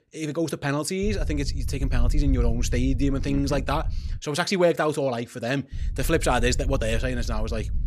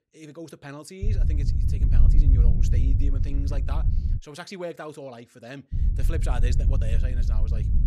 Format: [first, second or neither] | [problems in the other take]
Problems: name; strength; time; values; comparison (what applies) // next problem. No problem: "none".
first | low rumble; loud; from 1 to 4 s and from 5.5 s on; 3 dB below the speech; faint in the first